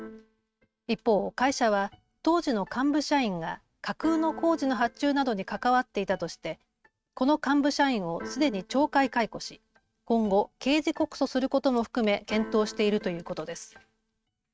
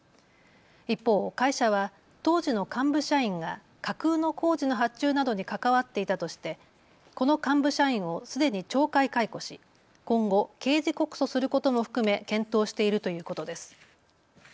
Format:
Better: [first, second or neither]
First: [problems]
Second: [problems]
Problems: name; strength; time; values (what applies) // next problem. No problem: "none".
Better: second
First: noise reduction (neural mask model RNNoise)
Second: none